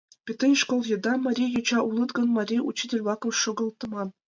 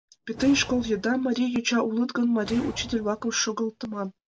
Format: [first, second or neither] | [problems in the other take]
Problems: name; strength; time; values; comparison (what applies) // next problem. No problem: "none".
first | background sound (Whoosh, swoosh, swish); 18 dB below the speech